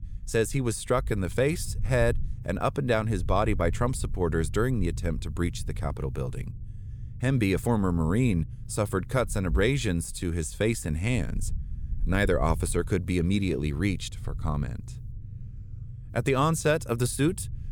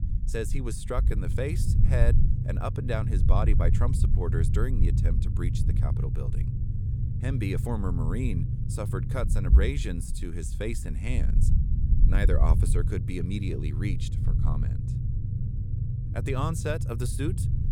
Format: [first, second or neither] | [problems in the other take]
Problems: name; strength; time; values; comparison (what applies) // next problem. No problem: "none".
first | low rumble; loud; throughout; 6 dB below the speech; faint in the first